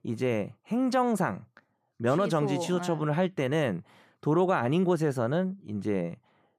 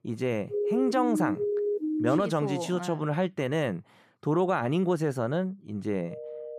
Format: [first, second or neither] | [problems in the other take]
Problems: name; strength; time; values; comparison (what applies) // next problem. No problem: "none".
first | siren; loud; until 2 s; peak 1 dB above the speech // phone ringing; faint; at 6 s; peak 10 dB below the speech